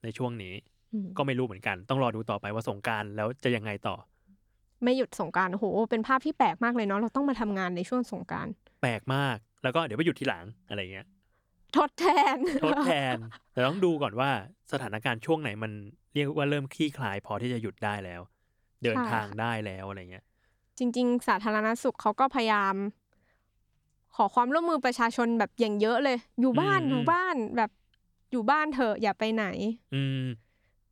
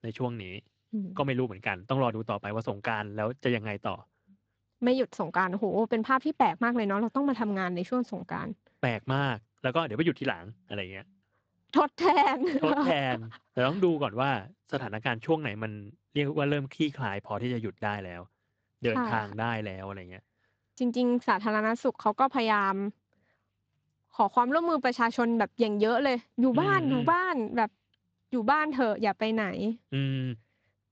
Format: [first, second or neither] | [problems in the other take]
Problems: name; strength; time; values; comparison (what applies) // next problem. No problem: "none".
first | garbled, watery; slightly